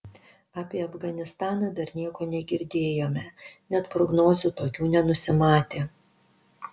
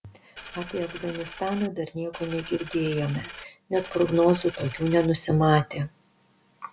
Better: first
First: none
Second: background sound (Coin (dropping)); 15 dB below the speech

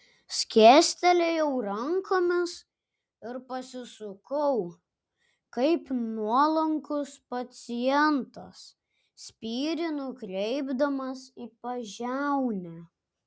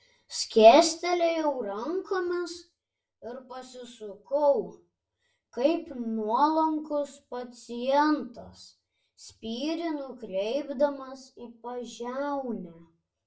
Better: first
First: none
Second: room echo; dies away in 0.3 s

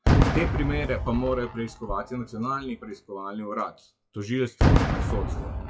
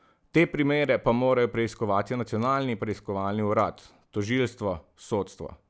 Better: second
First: noise reduction (classical method WPE with log-MMSE)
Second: none

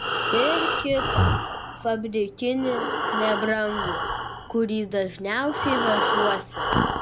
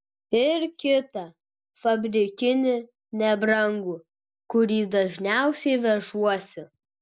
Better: second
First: background sound (Breathing); 1 dB above the speech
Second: none

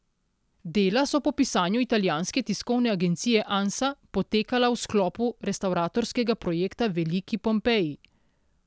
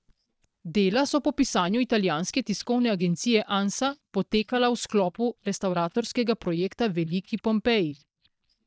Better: first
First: none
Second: noise reduction (neural mask model DeepFilterNet 3)

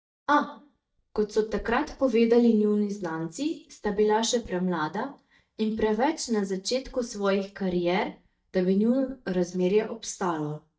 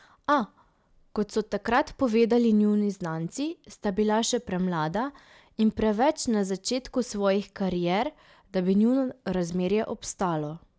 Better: second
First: noise reduction (neural mask model DeepFilterNet 3)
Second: none

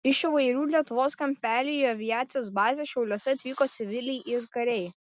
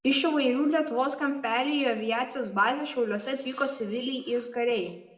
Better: first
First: none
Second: room echo; dies away in 0.7 s

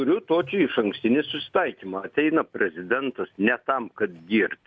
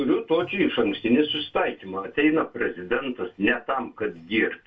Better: first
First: none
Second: room echo; dies away in 0.2 s

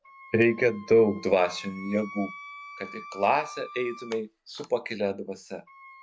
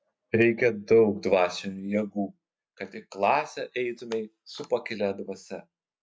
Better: second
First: background sound (Wind instrument, woodwind instrument); 18 dB below the speech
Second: none

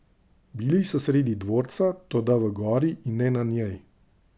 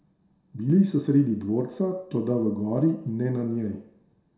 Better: first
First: none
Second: room echo; dies away in 0.5 s

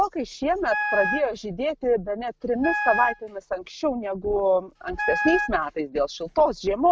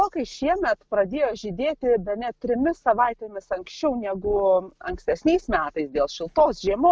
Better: second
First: background sound (Wind instrument, woodwind instrument); 4 dB below the speech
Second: none

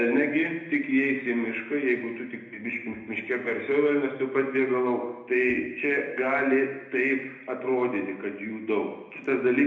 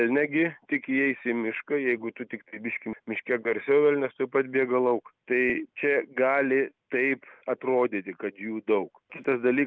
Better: second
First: room echo; dies away in 0.9 s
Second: none

